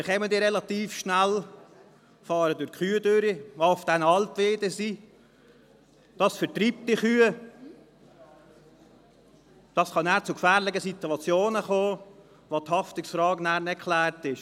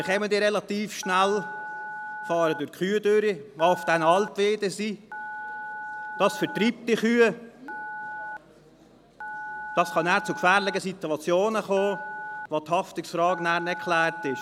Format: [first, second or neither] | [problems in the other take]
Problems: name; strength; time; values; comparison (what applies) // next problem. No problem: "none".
first | background sound (Telephone); 12 dB below the speech